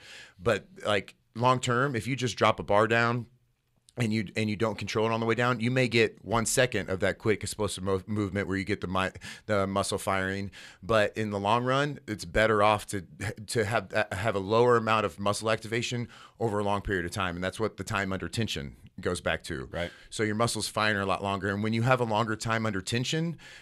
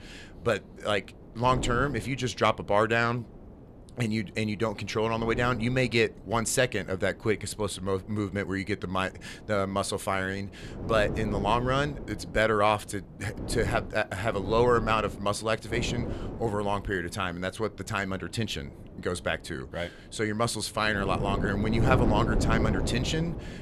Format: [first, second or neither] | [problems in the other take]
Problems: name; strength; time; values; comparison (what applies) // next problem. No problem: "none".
first | wind noise on the microphone; occasional gusts; 10 dB below the speech